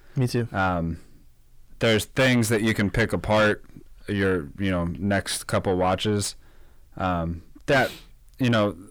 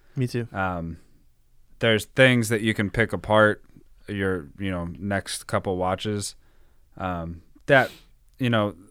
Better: second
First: distortion; heavy; 6 dB below the speech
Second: none

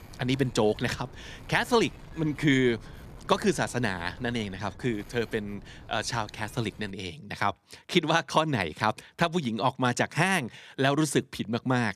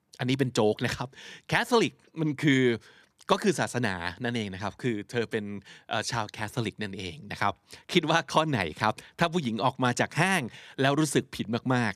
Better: second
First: wind noise on the microphone; occasional gusts; until 7 s; 25 dB below the speech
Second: none

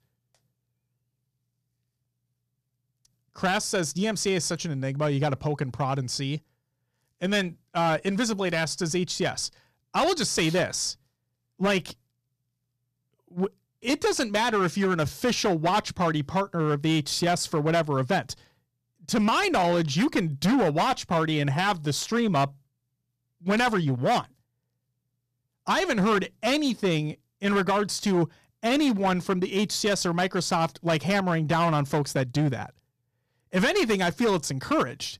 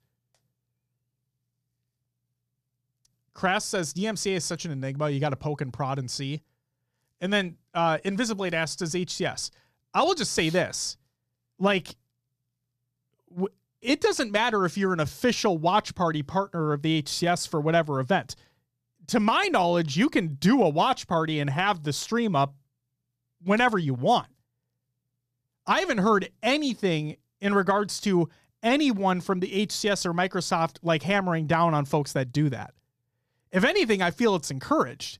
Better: second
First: distortion; slight; 8% of the sound clipped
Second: none

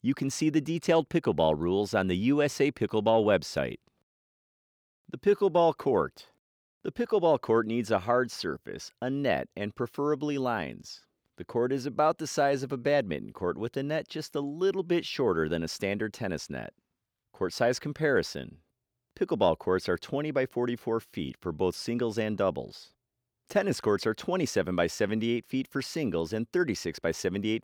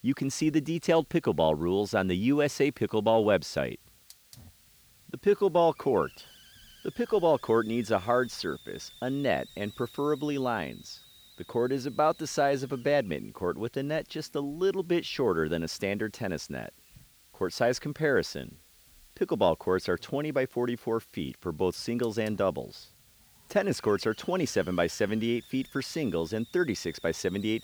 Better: first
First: none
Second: hiss; faint; throughout; 25 dB below the speech

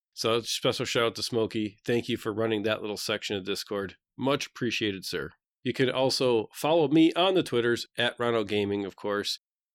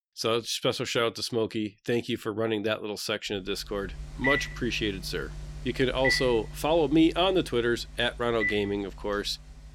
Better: first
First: none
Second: alarms or sirens; loud; from 3.5 s on; 6 dB below the speech

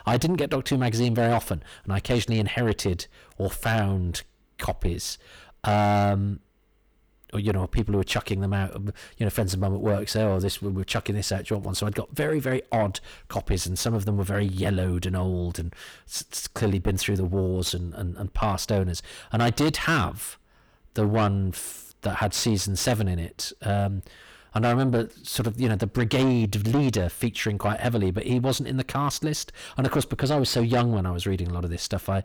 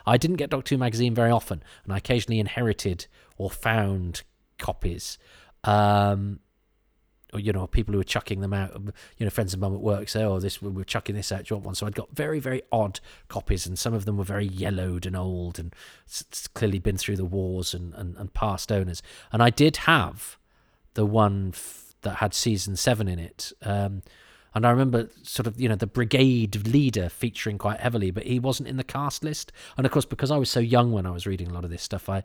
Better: second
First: distortion; heavy; 7 dB below the speech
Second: none

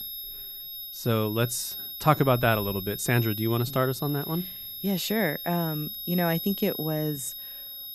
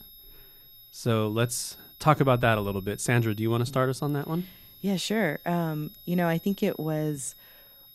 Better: second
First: high-pitched whine; loud; throughout; 11.5 kHz, 7 dB below the speech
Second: high-pitched whine; faint; throughout; 11.5 kHz, 20 dB below the speech

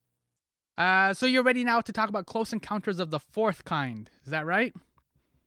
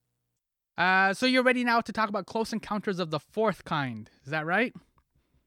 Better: second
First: garbled, watery; slightly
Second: none

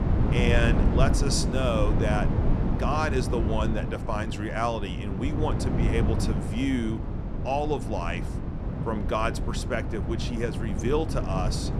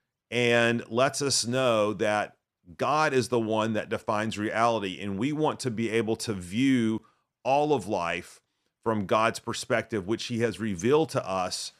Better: second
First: wind noise on the microphone; heavy; 6 dB below the speech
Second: none

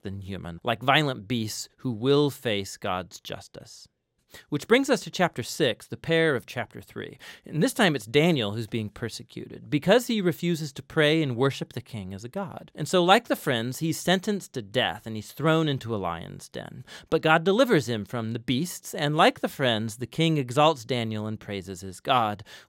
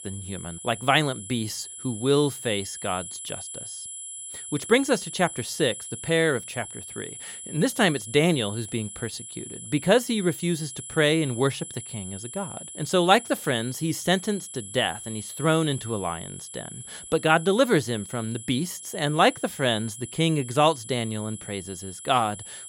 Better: first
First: none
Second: high-pitched whine; noticeable; throughout; 10.5 kHz, 10 dB below the speech

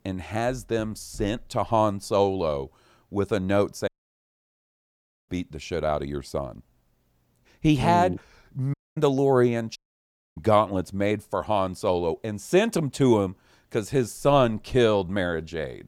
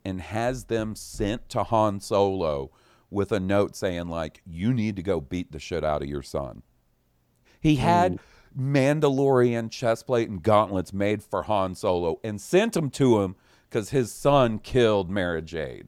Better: second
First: audio cutting out; at 4 s for 1.5 s, at 8.5 s and at 10 s for 0.5 s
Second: none

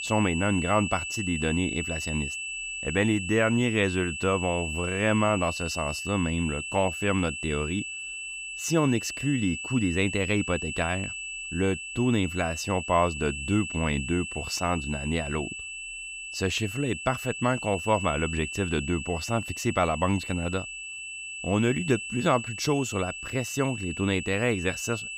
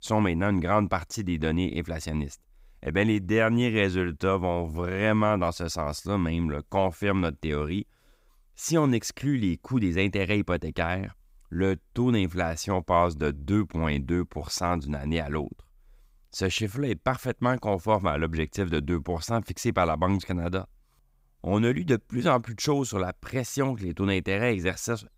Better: second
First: high-pitched whine; loud; throughout; 2.5 kHz, 6 dB below the speech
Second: none

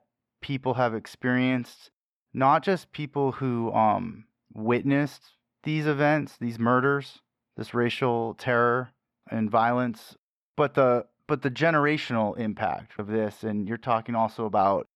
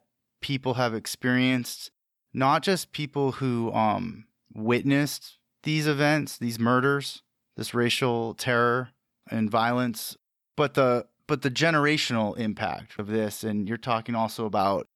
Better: second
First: muffled; slightly; fading above 4 kHz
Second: none

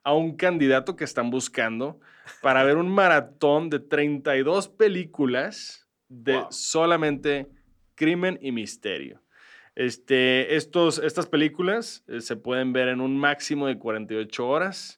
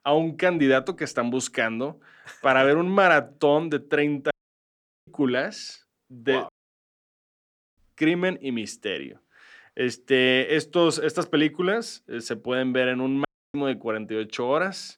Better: first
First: none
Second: audio cutting out; at 4.5 s for 1 s, at 6.5 s for 1.5 s and at 13 s

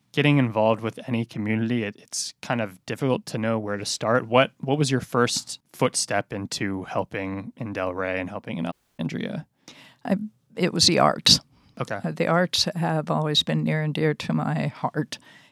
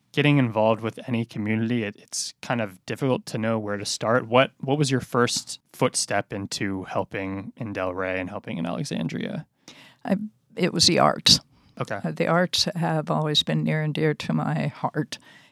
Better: second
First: audio cutting out; at 8.5 s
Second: none

